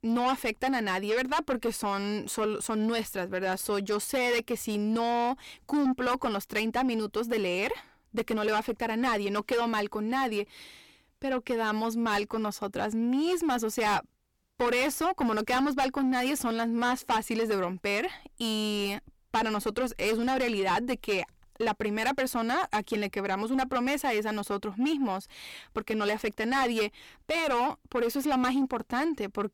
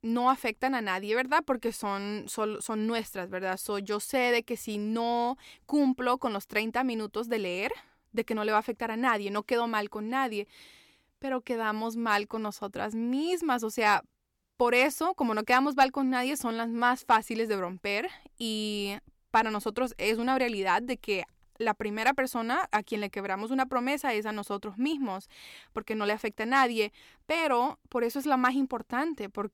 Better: second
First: distortion; heavy; 7 dB below the speech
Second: none

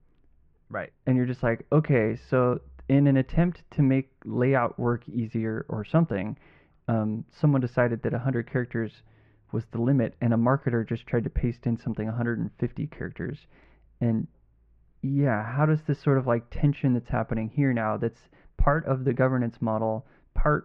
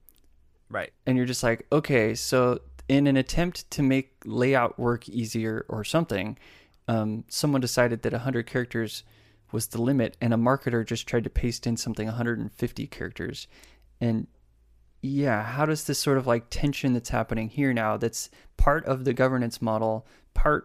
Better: second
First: muffled; very; fading above 2 kHz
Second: none

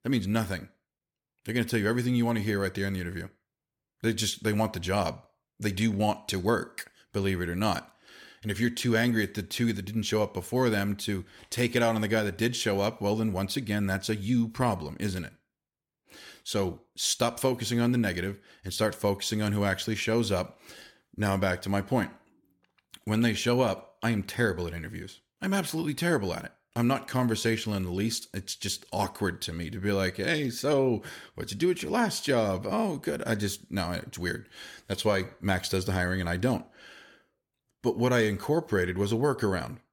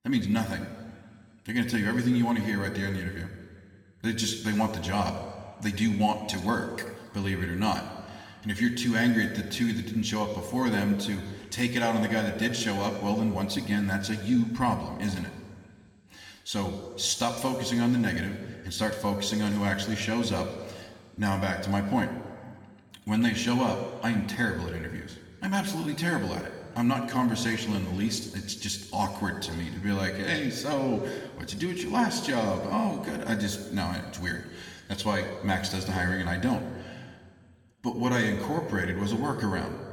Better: first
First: none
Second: room echo; slight; dies away in 1.7 s

